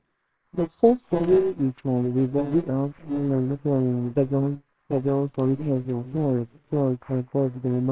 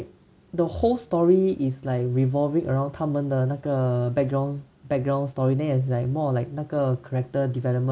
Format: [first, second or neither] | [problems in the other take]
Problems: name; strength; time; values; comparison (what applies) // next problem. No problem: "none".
second | noise reduction (neural separator model SepFormer WHAMR!)